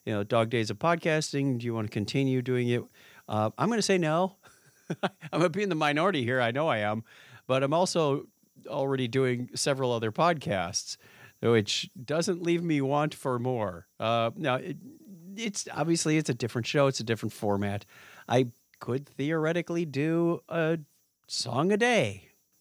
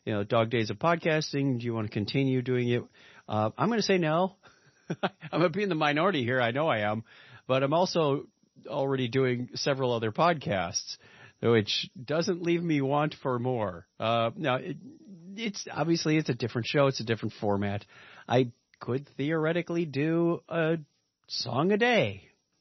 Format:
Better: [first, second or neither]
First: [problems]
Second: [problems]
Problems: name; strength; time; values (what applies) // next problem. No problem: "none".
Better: first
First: none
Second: garbled, watery; slightly; nothing above 6 kHz